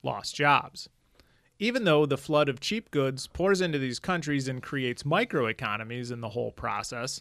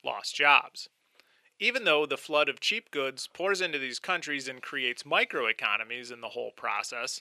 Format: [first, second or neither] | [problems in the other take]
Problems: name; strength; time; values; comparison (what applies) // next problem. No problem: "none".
first | thin; somewhat; fading below 450 Hz